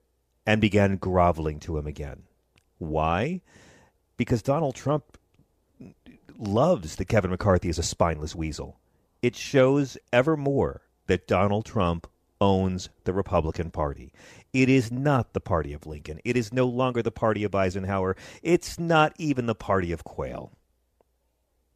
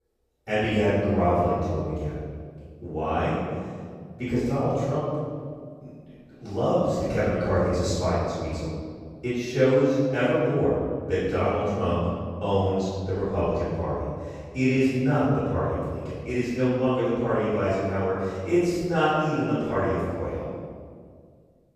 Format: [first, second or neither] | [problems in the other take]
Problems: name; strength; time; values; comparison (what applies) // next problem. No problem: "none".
first | off-mic speech; far // room echo; strong; dies away in 1.9 s